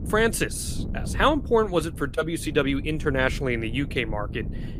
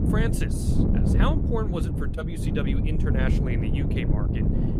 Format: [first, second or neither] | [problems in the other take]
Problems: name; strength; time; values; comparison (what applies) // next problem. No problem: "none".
first | wind noise on the microphone; heavy; as loud as the speech; occasional gusts in the first